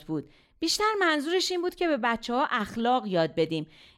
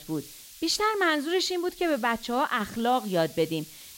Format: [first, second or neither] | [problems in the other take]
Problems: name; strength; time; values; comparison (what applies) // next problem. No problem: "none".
first | hiss; noticeable; throughout; 20 dB below the speech